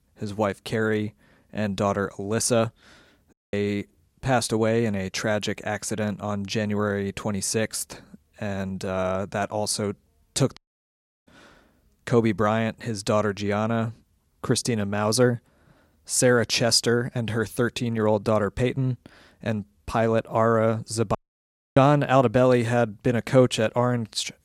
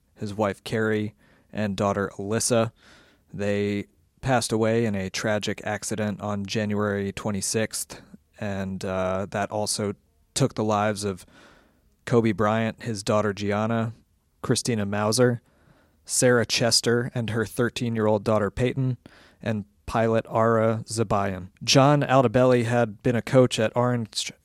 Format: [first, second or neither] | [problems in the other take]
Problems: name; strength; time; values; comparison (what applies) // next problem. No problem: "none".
second | audio cutting out; at 3.5 s, at 11 s for 0.5 s and at 21 s for 0.5 s